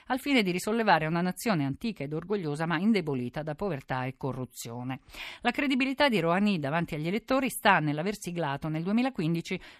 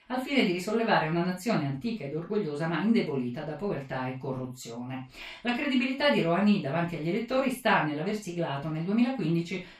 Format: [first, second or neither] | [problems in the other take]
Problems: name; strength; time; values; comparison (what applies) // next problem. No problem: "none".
first | room echo; noticeable; dies away in 0.2 s // off-mic speech; far